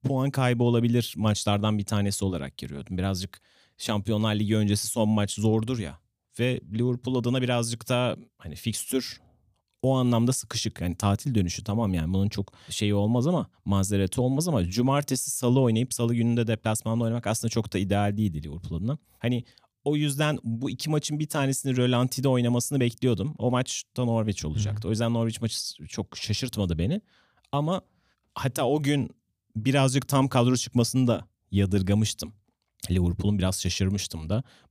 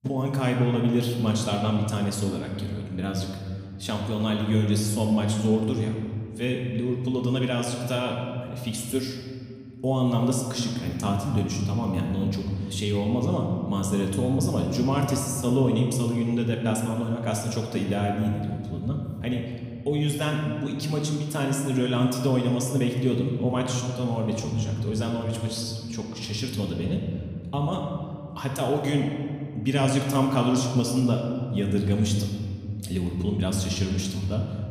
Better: first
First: none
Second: room echo; noticeable; dies away in 2.1 s // off-mic speech; somewhat distant

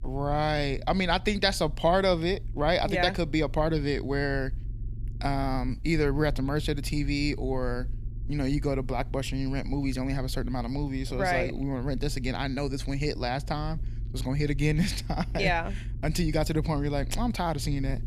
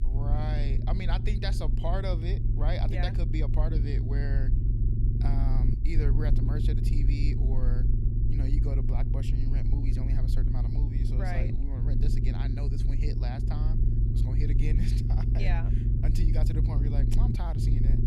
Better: first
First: low rumble; faint; throughout; 25 dB below the speech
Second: low rumble; loud; throughout; 2 dB below the speech

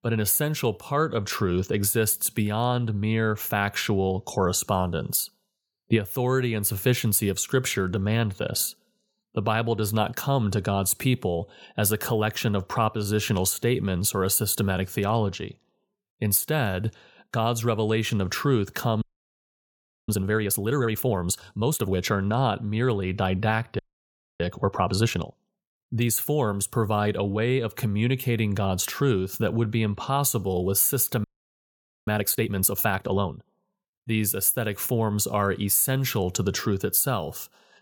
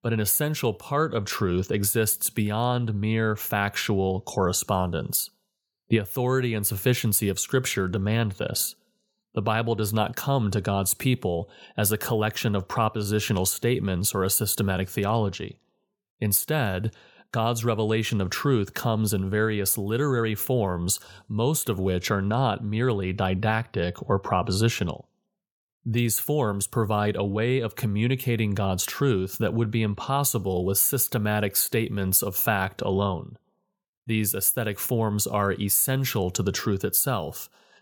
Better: second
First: audio freezing; at 19 s for 1 s, at 24 s for 0.5 s and at 31 s for 1 s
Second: none

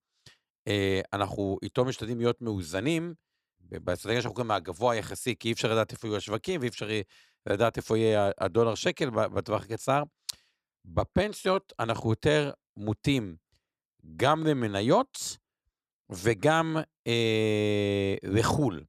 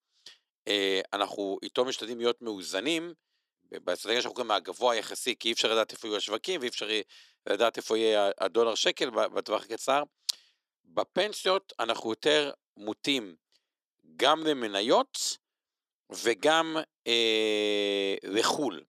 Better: first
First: none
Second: thin; somewhat; fading below 300 Hz

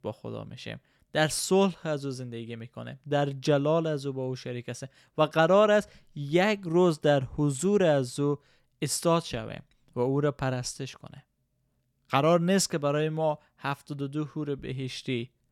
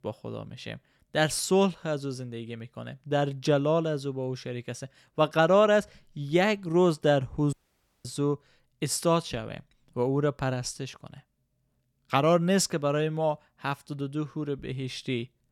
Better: first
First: none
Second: audio cutting out; at 7.5 s for 0.5 s

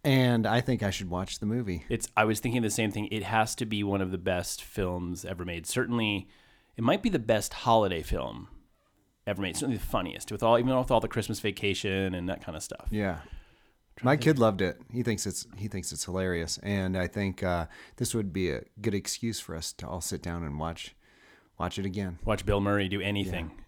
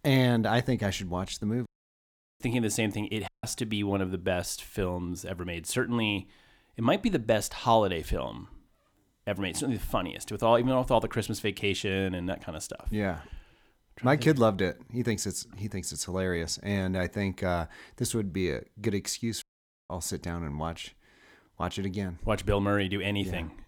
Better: first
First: none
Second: audio cutting out; at 1.5 s for 0.5 s, at 3.5 s and at 19 s

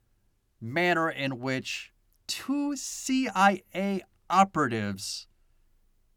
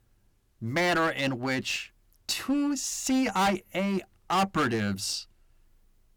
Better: first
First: none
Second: distortion; heavy; 10% of the sound clipped

